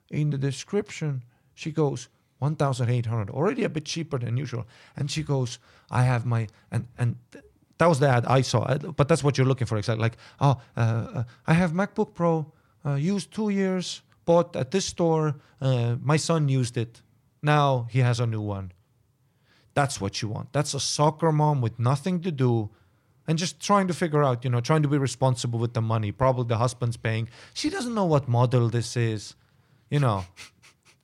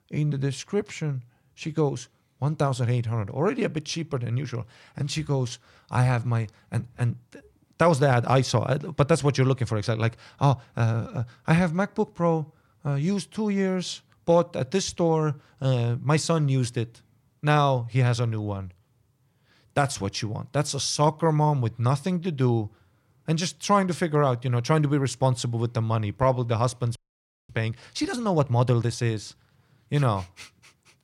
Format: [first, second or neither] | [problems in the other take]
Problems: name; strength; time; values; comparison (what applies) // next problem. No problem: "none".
first | audio freezing; at 27 s for 0.5 s